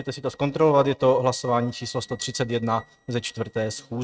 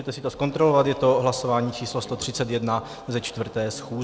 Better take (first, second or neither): second